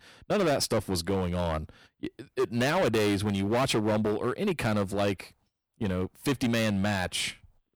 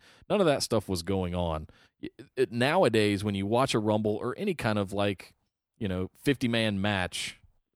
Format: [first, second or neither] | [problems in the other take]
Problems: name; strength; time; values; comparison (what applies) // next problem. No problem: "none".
second | distortion; heavy; 12% of the sound clipped